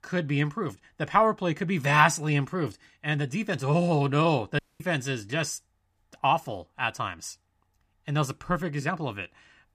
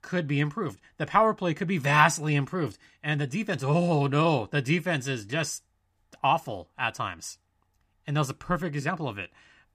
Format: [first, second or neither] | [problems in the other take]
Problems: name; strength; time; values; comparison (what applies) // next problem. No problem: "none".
second | audio cutting out; at 4.5 s